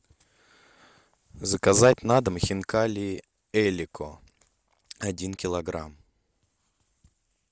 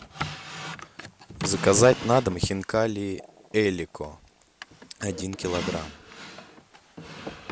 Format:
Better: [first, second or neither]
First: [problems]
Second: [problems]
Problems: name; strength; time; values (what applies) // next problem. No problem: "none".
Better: first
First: none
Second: background sound (Drawer open or close); 12 dB below the speech